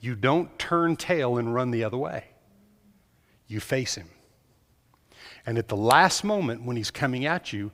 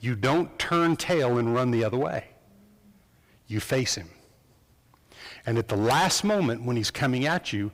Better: first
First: none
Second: distortion; heavy; 8% of the sound clipped

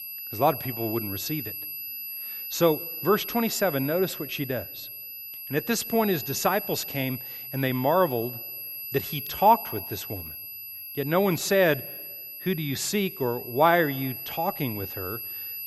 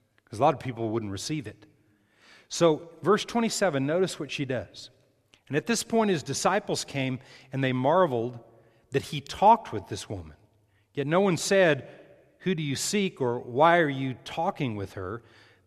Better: second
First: high-pitched whine; loud; throughout; 12 kHz, 8 dB below the speech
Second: none

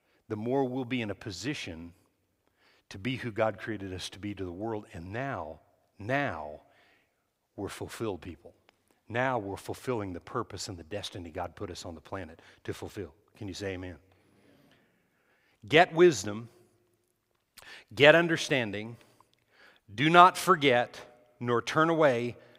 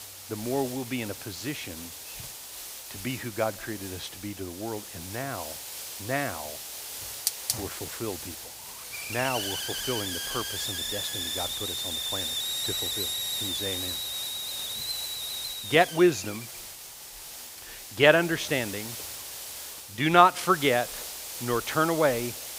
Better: first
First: none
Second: hiss; loud; throughout; 5 dB below the speech

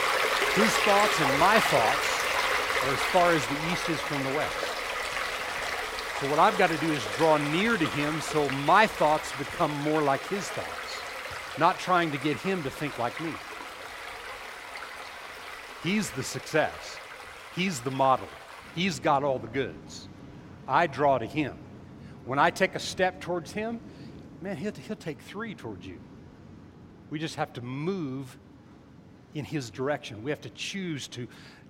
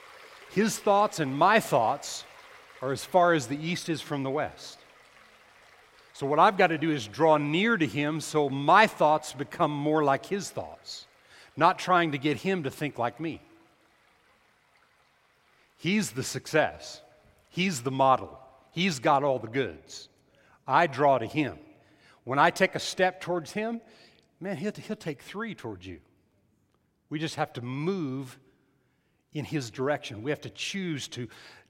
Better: second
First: rain or running water; loud; throughout; 2 dB below the speech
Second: rain or running water; faint; throughout; 30 dB below the speech

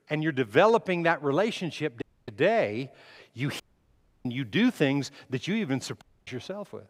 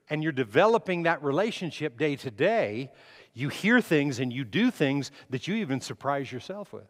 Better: second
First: audio cutting out; at 2 s, at 3.5 s for 0.5 s and at 6 s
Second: none

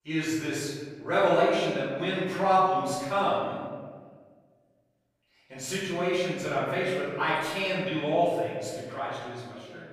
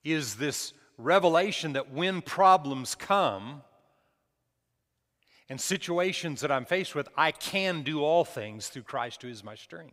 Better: second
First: off-mic speech; far // room echo; strong; dies away in 1.5 s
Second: none

